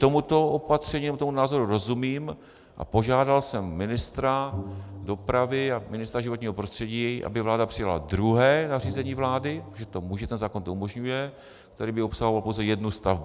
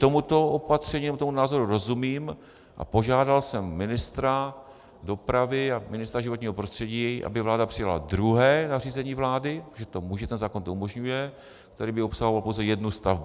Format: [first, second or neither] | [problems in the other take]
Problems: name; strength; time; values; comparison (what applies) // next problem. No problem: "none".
second | background sound (Bowed string instrument); 16 dB below the speech